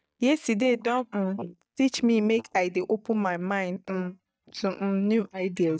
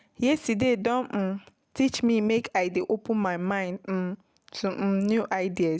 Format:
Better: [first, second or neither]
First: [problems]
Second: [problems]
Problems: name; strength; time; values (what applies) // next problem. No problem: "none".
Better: second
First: noise reduction (neural mask model DeepFilterNet 3)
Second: none